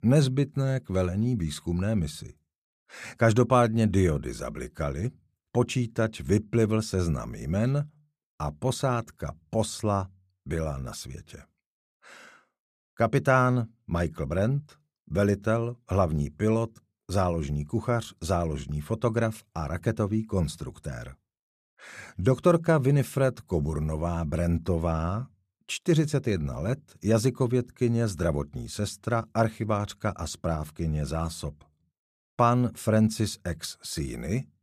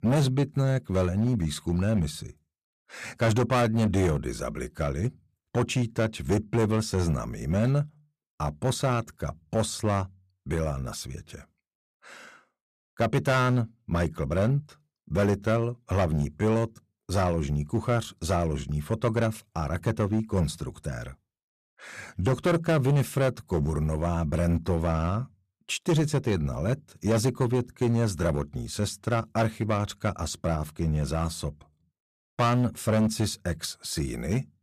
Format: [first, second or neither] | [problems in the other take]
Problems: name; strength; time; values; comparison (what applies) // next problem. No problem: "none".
first | distortion; slight; 7% of the sound clipped